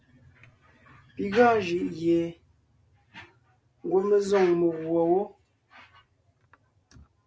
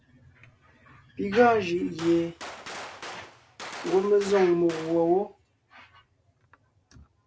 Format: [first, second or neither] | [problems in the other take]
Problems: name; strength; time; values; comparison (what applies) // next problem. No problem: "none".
first | background sound (Gunshot, gunfire); 14 dB below the speech